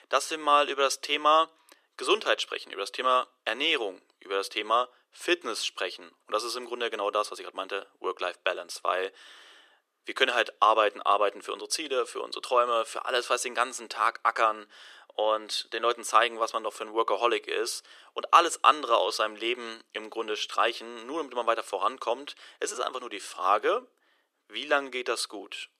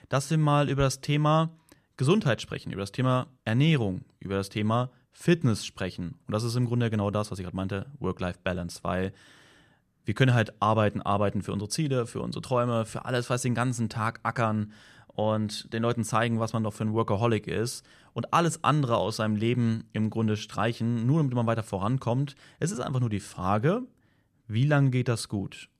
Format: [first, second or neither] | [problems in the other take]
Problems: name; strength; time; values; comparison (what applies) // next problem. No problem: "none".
second | thin; very; fading below 350 Hz